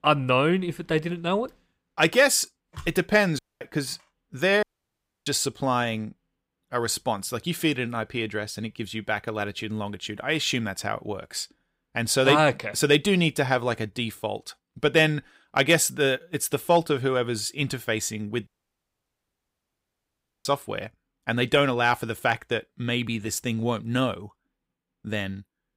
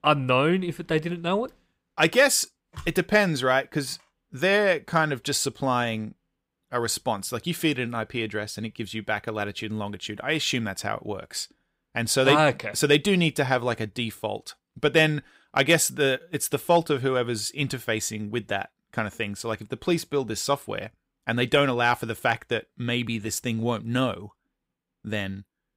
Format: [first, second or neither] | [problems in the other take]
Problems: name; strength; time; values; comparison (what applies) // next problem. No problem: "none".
second | audio cutting out; at 3.5 s, at 4.5 s for 0.5 s and at 18 s for 2 s